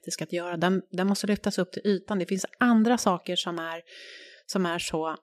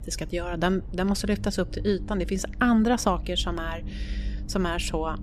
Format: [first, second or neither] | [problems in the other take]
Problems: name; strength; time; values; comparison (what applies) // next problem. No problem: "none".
first | low rumble; faint; throughout; 20 dB below the speech